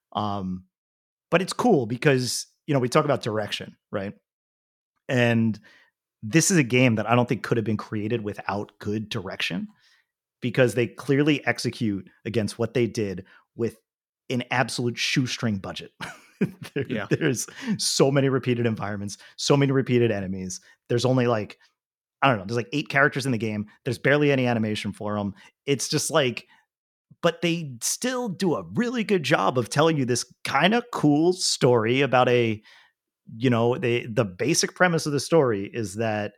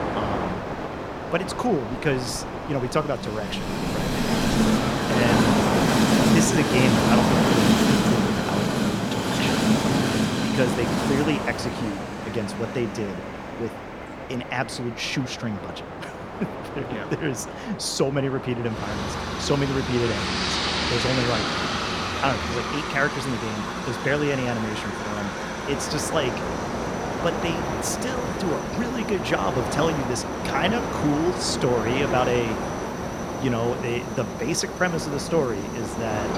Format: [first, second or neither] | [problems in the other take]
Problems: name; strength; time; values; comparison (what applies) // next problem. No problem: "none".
first | train or aircraft noise; very loud; throughout; 2 dB above the speech